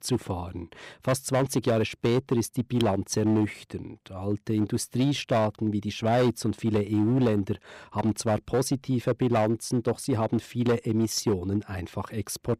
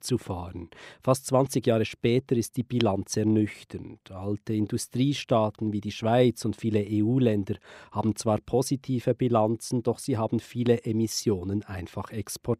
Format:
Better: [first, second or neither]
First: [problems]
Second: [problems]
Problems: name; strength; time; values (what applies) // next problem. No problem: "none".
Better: second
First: distortion; slight; 8% of the sound clipped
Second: none